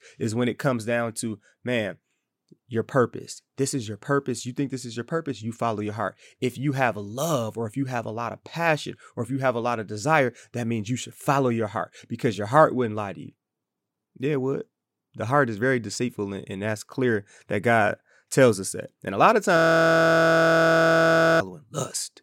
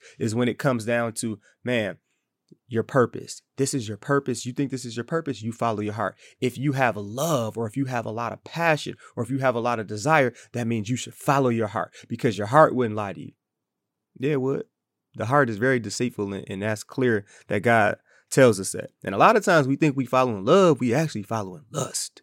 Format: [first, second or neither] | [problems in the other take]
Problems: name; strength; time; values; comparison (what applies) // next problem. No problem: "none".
second | audio freezing; at 20 s for 2 s